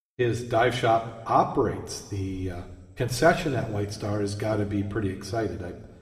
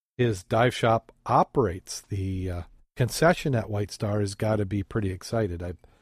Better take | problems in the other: second | room echo; slight; dies away in 1.4 s

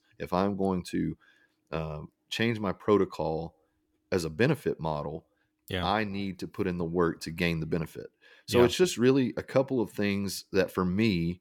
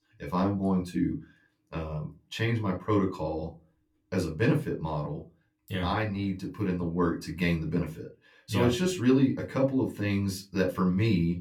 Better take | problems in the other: first | off-mic speech; far // room echo; very slight; dies away in 0.2 s

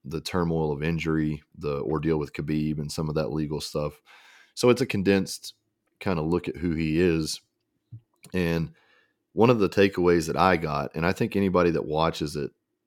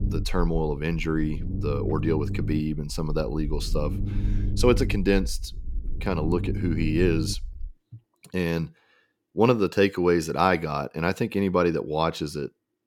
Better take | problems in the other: first | low rumble; noticeable; until 7.5 s; 15 dB below the speech

